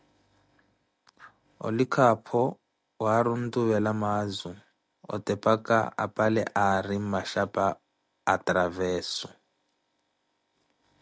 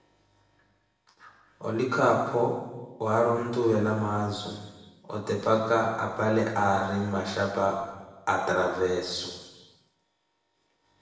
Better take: first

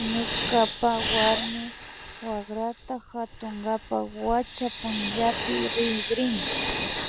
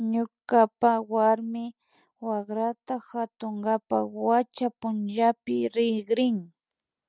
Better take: second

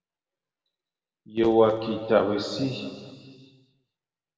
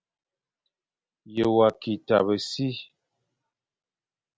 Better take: second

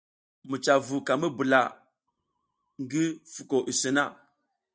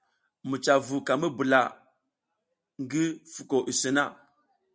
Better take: second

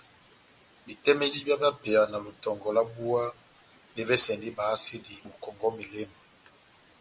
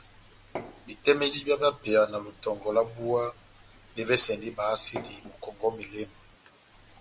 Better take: first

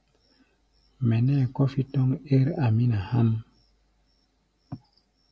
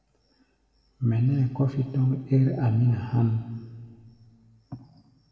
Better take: first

